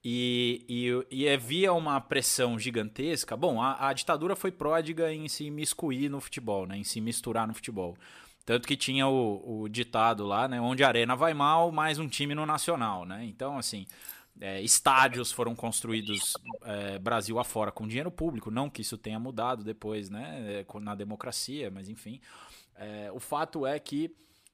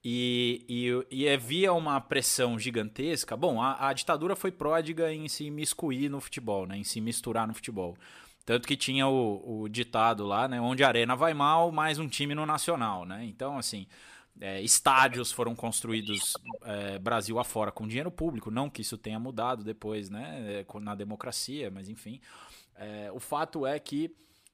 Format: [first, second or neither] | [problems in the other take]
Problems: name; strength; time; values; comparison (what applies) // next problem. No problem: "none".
second | jangling keys; faint; at 14 s; peak 15 dB below the speech